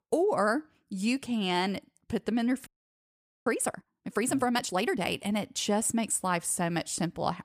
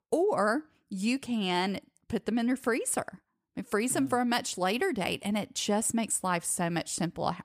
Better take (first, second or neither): second